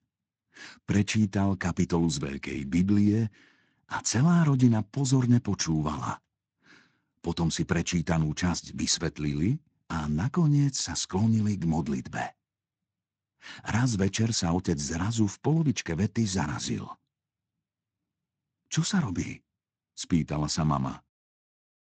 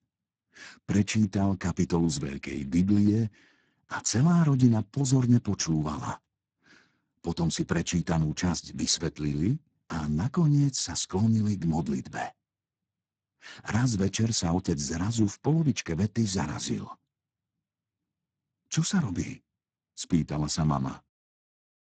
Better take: first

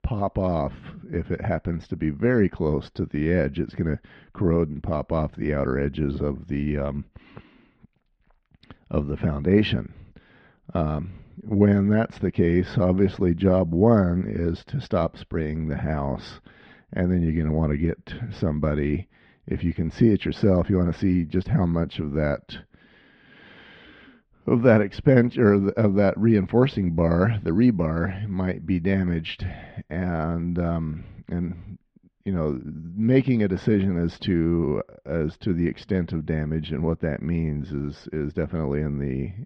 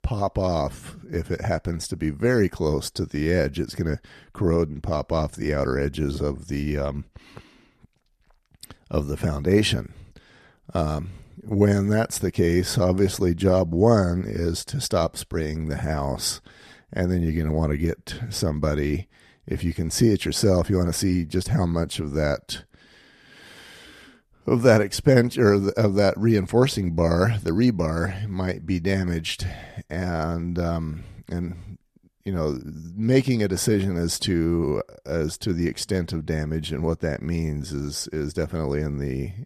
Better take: second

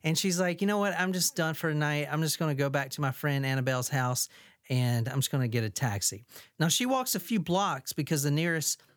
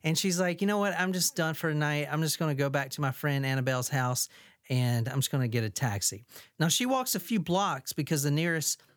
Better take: neither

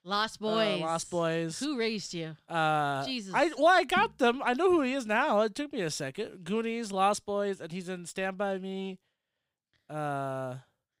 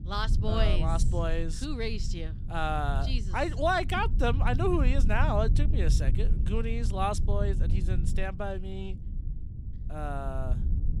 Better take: first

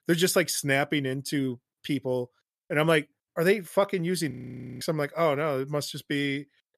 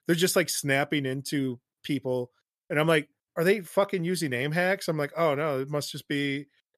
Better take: second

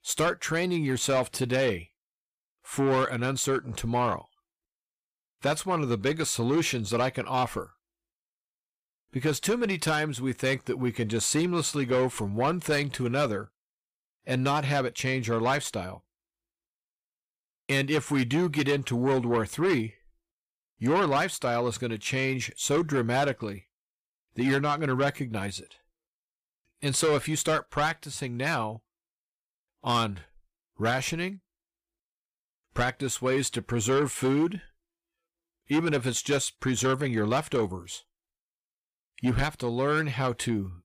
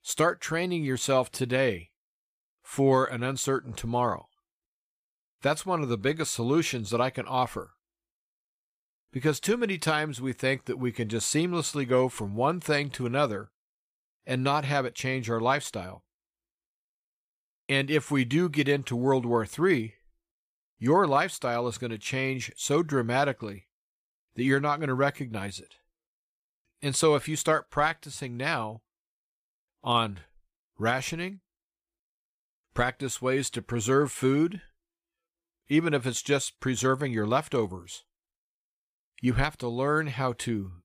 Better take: second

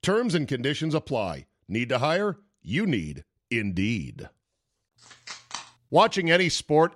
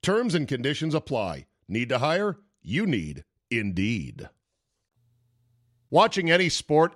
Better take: second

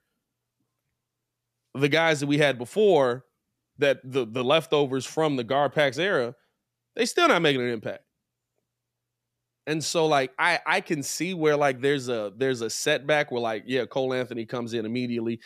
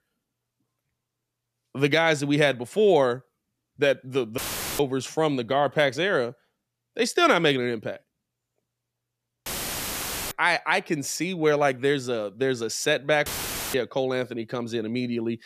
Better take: first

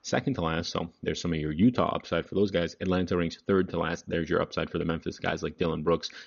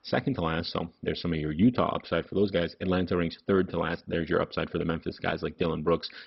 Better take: first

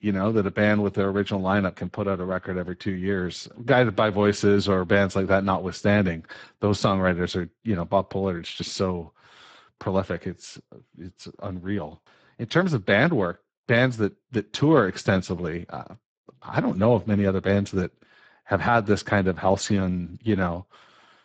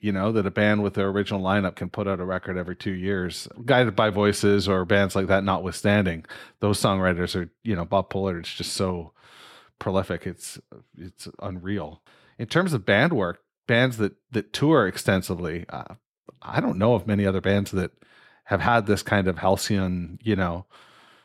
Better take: second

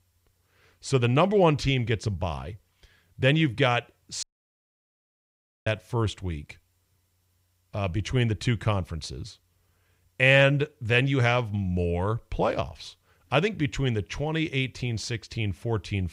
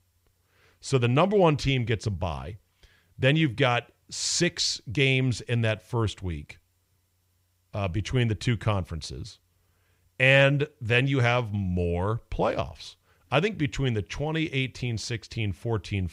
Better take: second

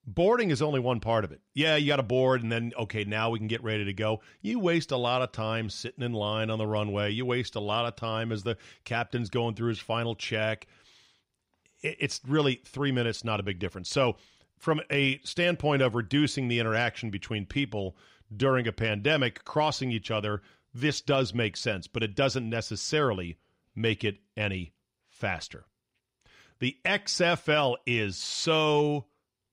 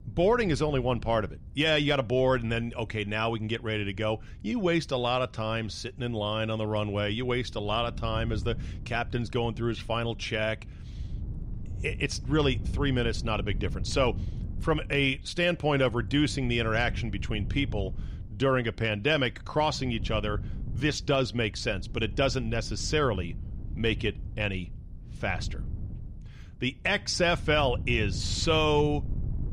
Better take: first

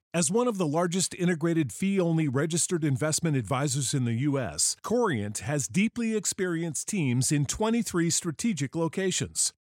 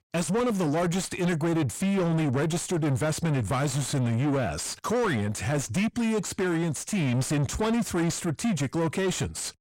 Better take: first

